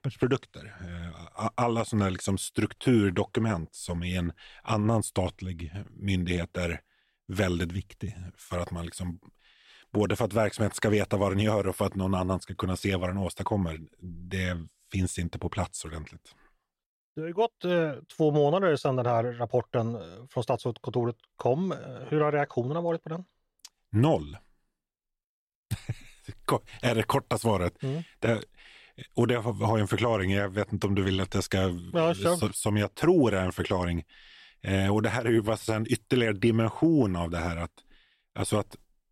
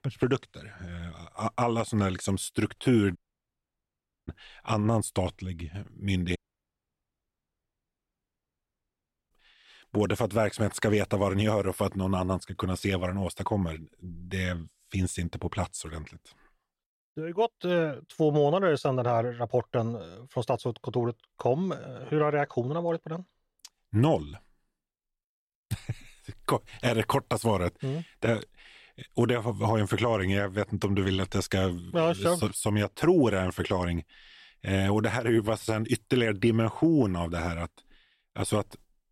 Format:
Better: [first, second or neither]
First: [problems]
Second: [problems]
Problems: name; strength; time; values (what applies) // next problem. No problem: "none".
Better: first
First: none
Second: audio cutting out; at 3 s for 1 s and at 6.5 s for 3 s